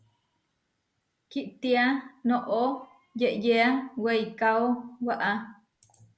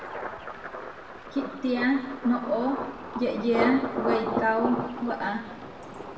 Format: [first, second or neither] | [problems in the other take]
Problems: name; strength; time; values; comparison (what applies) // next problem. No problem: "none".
first | background sound (Thunder); 4 dB below the speech // room echo; dies away in 1.2 s